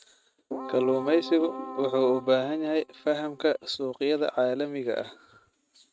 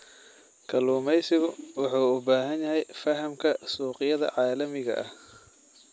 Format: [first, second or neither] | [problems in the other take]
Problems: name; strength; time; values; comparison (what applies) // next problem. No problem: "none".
second | noise reduction (neural mask model RNNoise)